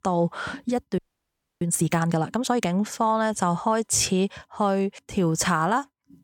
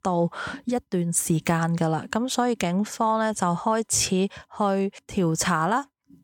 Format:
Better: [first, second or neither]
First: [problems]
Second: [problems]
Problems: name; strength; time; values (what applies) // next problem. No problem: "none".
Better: second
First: audio freezing; at 1 s for 0.5 s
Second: none